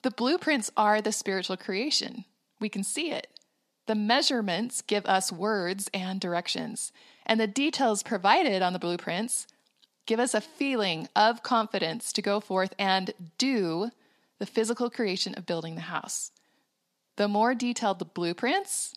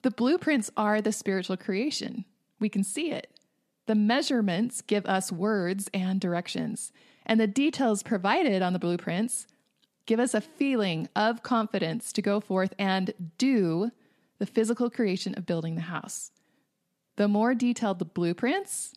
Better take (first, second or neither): second